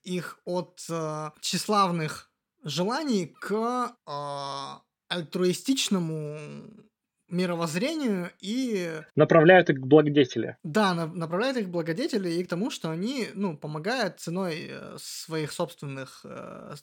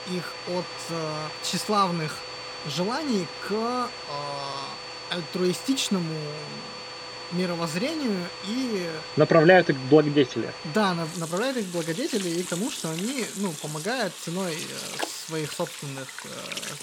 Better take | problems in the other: first | household noises; loud; throughout; 9 dB below the speech

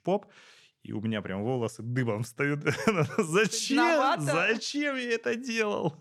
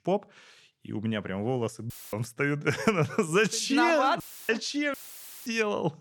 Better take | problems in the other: first | audio cutting out; filled with static; at 2 s, at 4 s and at 5 s for 0.5 s

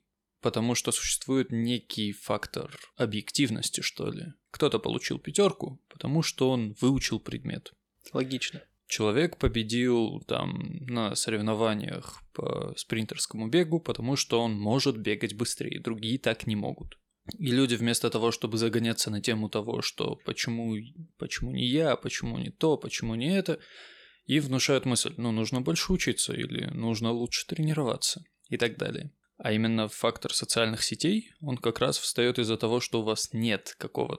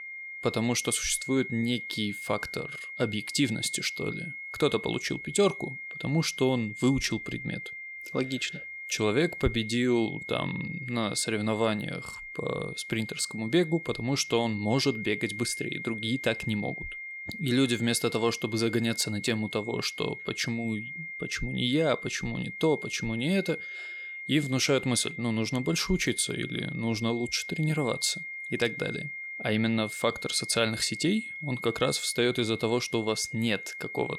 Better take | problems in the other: first | high-pitched whine; loud; throughout; 2 kHz, 9 dB below the speech

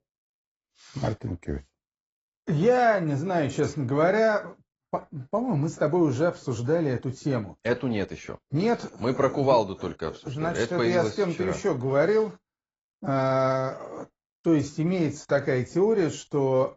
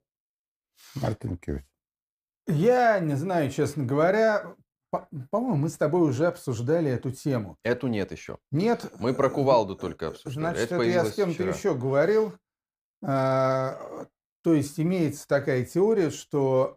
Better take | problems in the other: second | garbled, watery; badly; nothing above 7.5 kHz

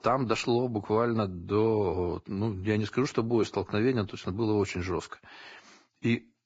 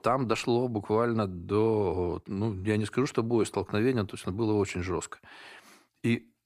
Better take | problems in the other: second | garbled, watery; badly; nothing above 7.5 kHz

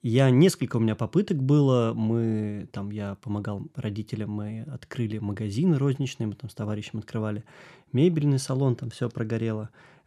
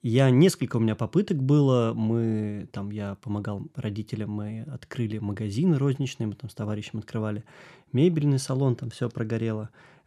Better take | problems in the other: neither | none

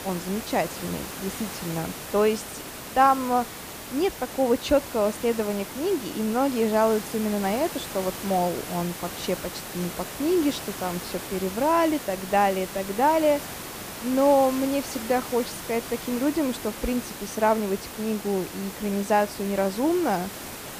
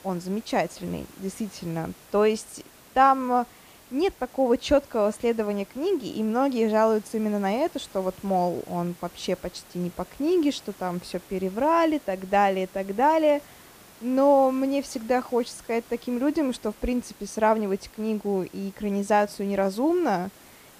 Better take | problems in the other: second | hiss; loud; throughout; 9 dB below the speech; faint in the second

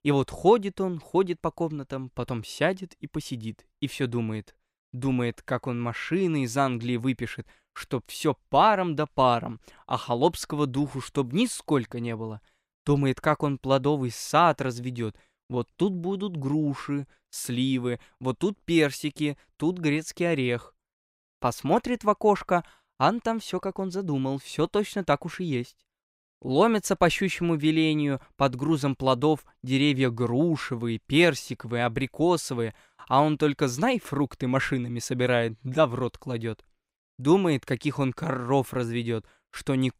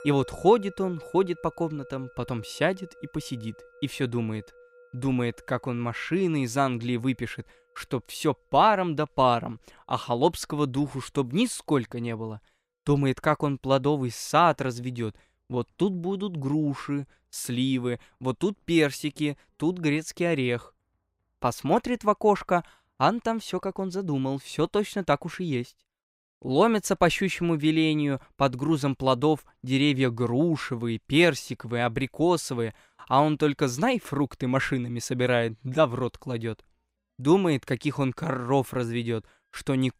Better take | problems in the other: first | background music; faint; throughout; 25 dB below the speech

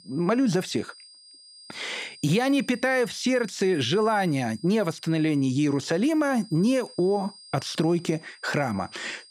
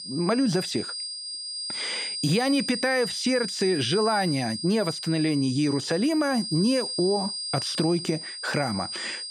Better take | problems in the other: first | high-pitched whine; loud; throughout; 5 kHz, 5 dB below the speech; faint in the first

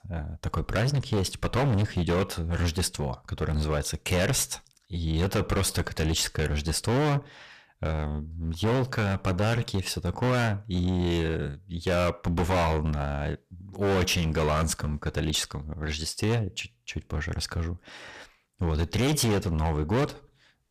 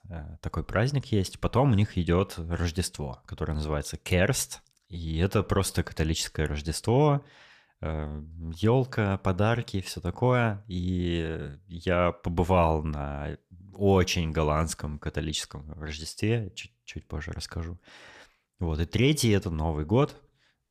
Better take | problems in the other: second | distortion; heavy; 16% of the sound clipped

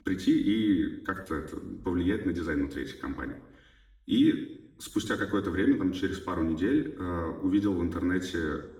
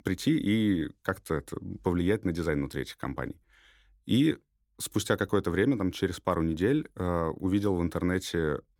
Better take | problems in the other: second | room echo; slight; dies away in 0.8 s // off-mic speech; far

